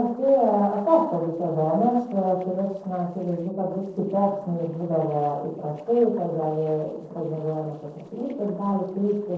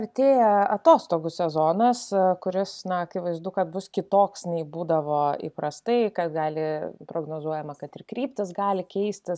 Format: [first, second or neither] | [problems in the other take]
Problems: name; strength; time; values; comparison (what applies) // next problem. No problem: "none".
second | noise reduction (neural separator model SepFormer DNS4)